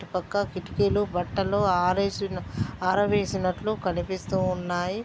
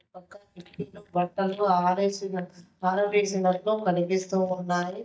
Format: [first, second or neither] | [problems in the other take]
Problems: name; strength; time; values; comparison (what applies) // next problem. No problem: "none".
first | noise reduction (neural mask model DeepFilterNet 3)